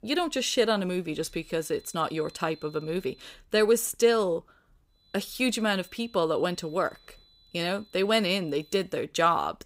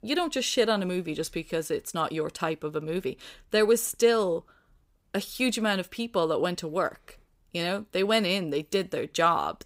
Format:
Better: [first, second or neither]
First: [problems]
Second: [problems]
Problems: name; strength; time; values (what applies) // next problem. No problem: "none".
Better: second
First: high-pitched whine; faint; from 1 to 3.5 s and from 5 to 9 s; 4 kHz, 25 dB below the speech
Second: none